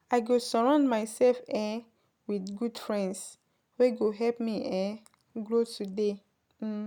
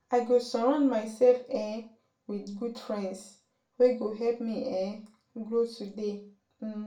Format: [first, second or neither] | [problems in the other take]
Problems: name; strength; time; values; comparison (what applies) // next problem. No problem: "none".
first | room echo; dies away in 0.3 s